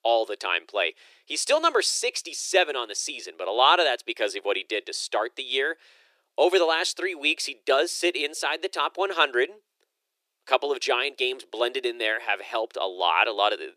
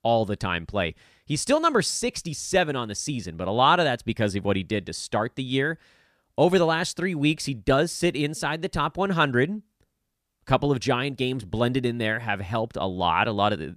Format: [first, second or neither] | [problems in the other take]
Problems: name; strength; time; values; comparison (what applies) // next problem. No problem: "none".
second | thin; very; fading below 350 Hz